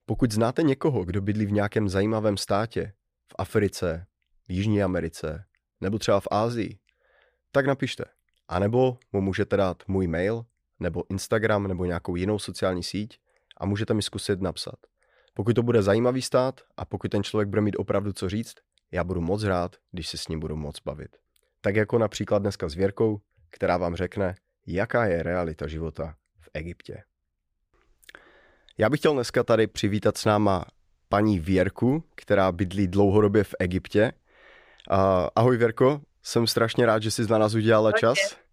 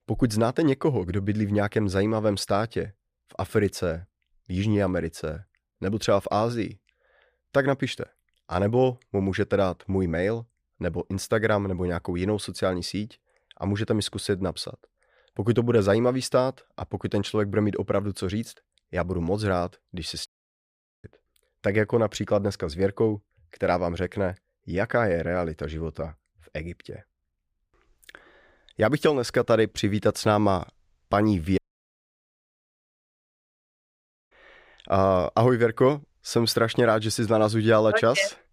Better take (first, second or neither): first